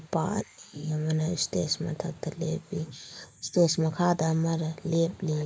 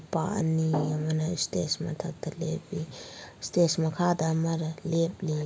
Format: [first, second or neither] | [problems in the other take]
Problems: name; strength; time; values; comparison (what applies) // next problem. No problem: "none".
second | noise reduction (neural mask model Resemble Enhance denoiser)